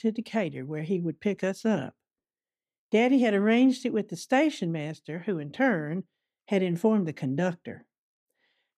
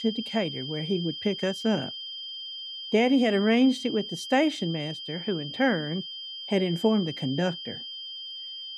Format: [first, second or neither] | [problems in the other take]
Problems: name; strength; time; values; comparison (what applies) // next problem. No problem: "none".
first | high-pitched whine; loud; throughout; 3 kHz, 8 dB below the speech